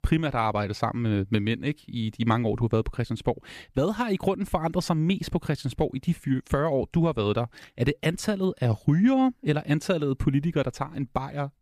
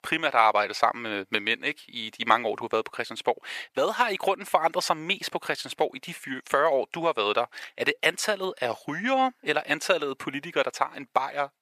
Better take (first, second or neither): first